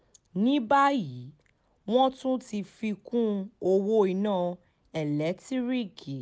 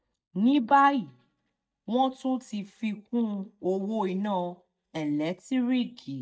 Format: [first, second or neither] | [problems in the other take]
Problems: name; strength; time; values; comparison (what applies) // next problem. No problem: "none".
first | noise reduction (neural mask model DeepFilterNet 3)